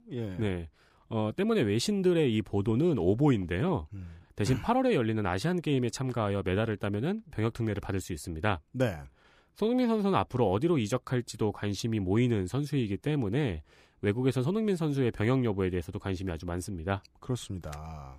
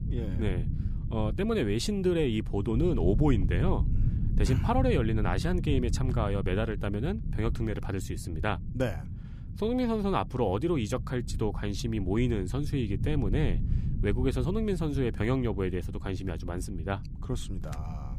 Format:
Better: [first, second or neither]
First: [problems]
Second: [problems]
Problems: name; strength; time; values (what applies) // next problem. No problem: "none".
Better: first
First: none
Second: low rumble; noticeable; throughout; 15 dB below the speech